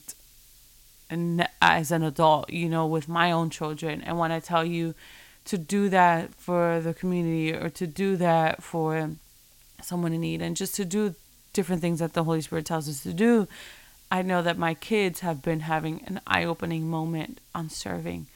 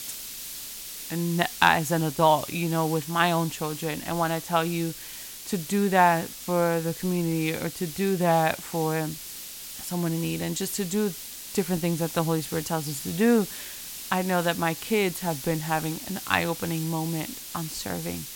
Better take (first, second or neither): first